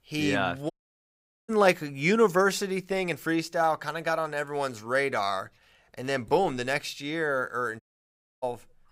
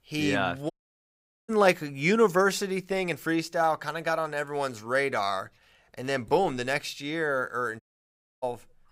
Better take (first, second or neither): neither